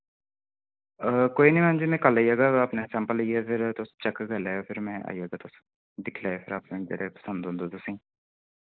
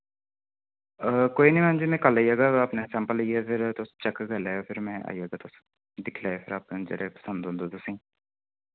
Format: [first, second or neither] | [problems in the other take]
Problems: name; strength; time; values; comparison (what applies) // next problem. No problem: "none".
second | noise reduction (neural mask model Resemble Enhance denoiser)